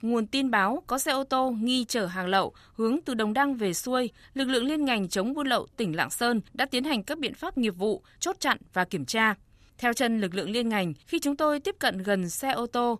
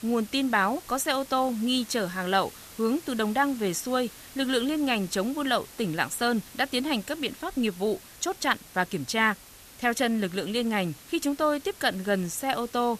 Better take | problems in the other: first | hiss; noticeable; throughout; 20 dB below the speech

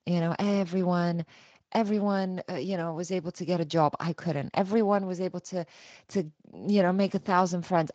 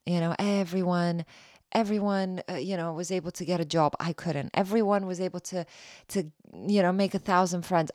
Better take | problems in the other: second | garbled, watery; slightly; nothing above 7.5 kHz

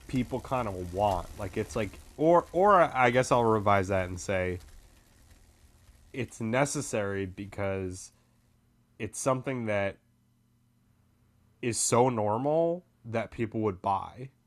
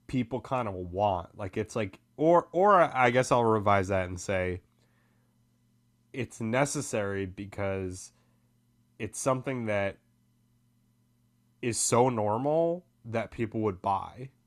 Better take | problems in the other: second | traffic noise; faint; throughout; 25 dB below the speech

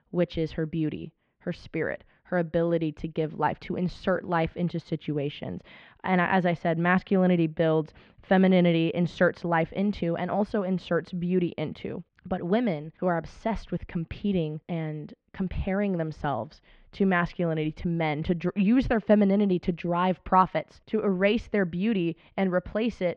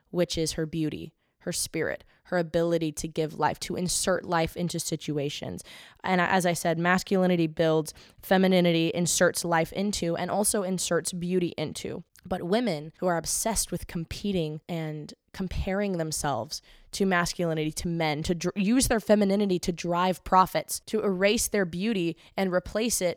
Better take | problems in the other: second | muffled; very; fading above 3 kHz

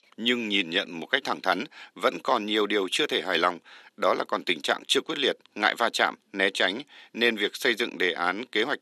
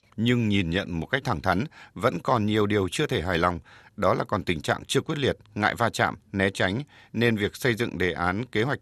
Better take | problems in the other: second | thin; somewhat; fading below 250 Hz

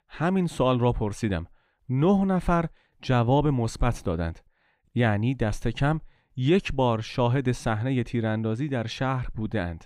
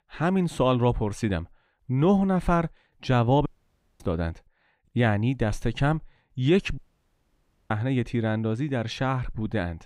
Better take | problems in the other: first | audio cutting out; at 3.5 s for 0.5 s and at 7 s for 1 s

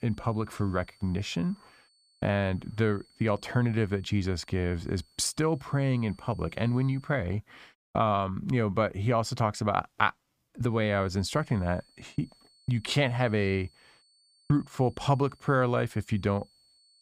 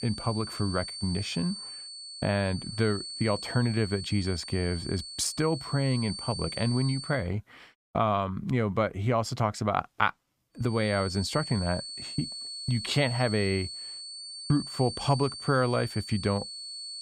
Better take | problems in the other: first | high-pitched whine; loud; until 7 s and from 11 s on; 4.5 kHz, 8 dB below the speech; faint in the first

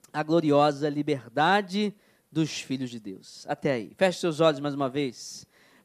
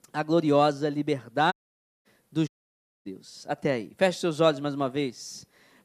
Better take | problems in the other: first | audio cutting out; at 1.5 s for 0.5 s and at 2.5 s for 0.5 s

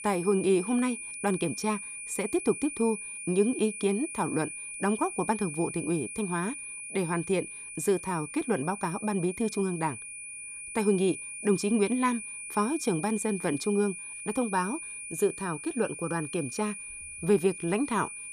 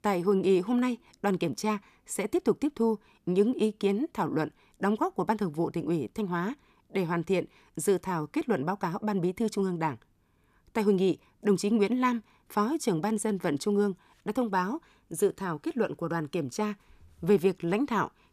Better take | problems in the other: second | high-pitched whine; loud; throughout; 2.5 kHz, 8 dB below the speech

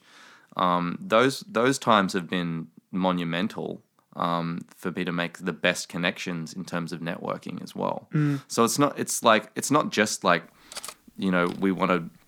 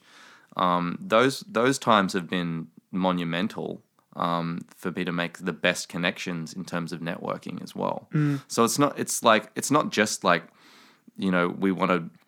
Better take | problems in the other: second | clattering dishes; faint; at 11 s; peak 10 dB below the speech

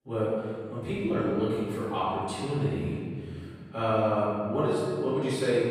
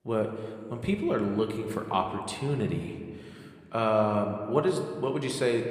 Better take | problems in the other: second | room echo; strong; dies away in 2.2 s; slight in the second // off-mic speech; far

